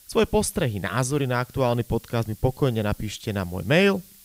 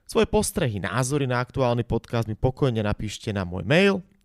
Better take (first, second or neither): second